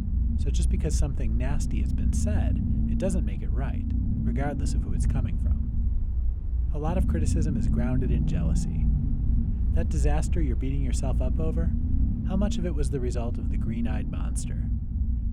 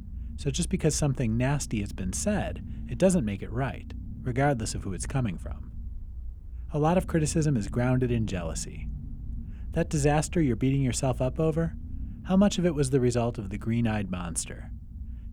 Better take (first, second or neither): second